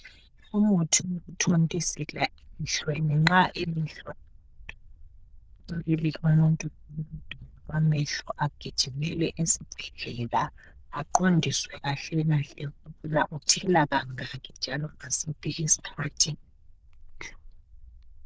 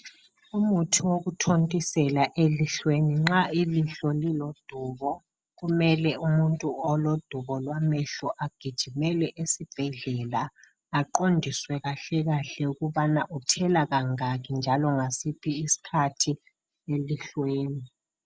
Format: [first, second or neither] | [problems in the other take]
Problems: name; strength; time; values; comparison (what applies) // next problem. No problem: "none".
second | noise reduction (neural diffusion model UNIVERSE++)